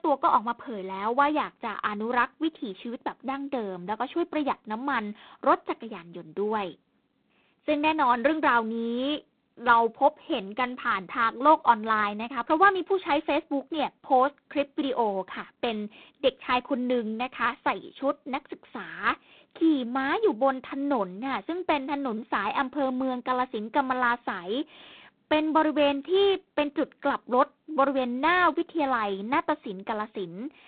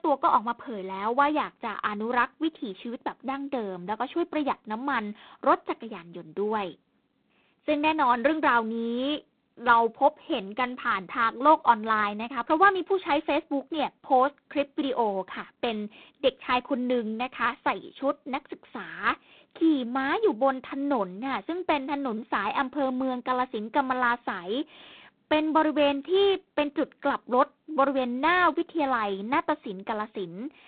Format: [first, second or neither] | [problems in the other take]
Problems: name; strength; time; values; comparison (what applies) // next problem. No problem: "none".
neither | phone-call audio; poor line; nothing above 4 kHz; the same in both